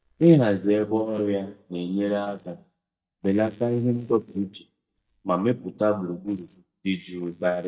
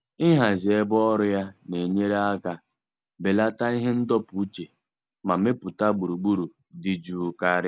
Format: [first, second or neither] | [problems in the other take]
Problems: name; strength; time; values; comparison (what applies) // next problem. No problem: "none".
second | noise reduction (neural mask model DeepFilterNet 3)